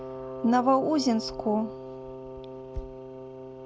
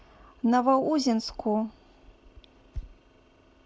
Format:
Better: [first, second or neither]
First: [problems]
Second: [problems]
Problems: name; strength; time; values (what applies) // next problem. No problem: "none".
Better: second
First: background sound (Wind instrument, woodwind instrument); 10 dB below the speech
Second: none